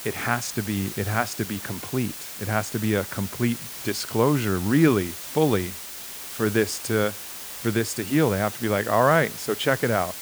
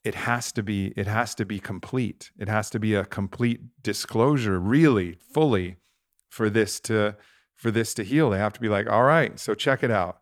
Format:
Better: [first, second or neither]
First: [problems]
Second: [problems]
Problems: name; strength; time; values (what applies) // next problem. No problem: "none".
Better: second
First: hiss; loud; throughout; 9 dB below the speech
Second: none